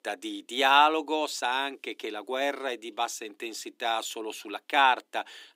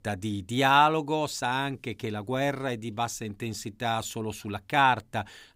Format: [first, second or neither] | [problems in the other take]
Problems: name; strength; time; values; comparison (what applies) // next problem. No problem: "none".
second | thin; somewhat; fading below 300 Hz